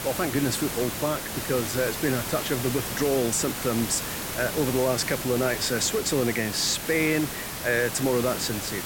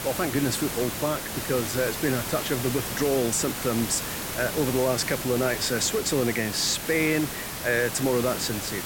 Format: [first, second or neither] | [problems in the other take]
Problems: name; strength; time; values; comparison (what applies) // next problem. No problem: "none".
neither | hiss; loud; throughout; 5 dB below the speech; the same in both